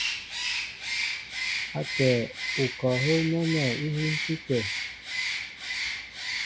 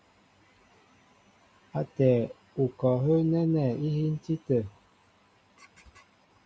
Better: second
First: background sound (Bird); 2 dB below the speech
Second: none

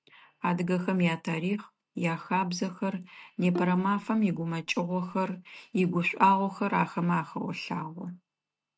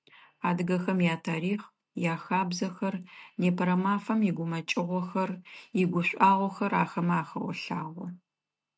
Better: second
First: background sound (Bowed string instrument); 13 dB below the speech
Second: none

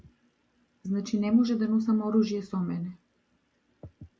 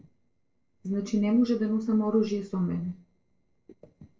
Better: first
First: none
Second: noise reduction (neural separator model SepFormer DNS4)

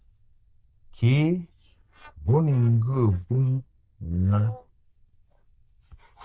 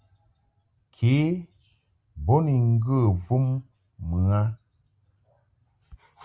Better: second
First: noise reduction (neural diffusion model UNIVERSE++)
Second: none

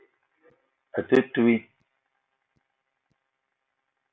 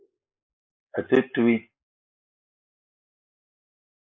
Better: first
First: none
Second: noise reduction (neural mask model Resemble Enhance denoiser)

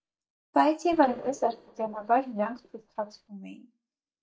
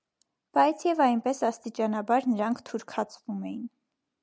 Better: second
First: noise reduction (neural mask model DeepFilterNet 3)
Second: none

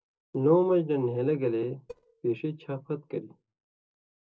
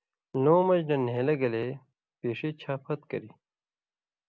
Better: second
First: noise reduction (neural separator model SepFormer DNS4)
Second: none

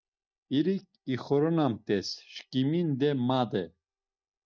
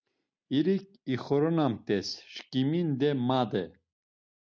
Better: second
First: noise reduction (neural mask model DeepFilterNet 3)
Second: none

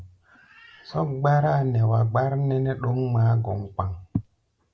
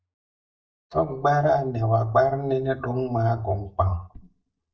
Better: first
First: none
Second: noise reduction (neural mask model DeepFilterNet 3)

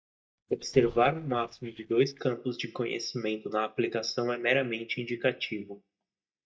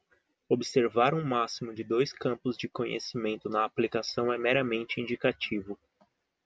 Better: second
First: noise reduction (neural mask model DeepFilterNet 3)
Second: none

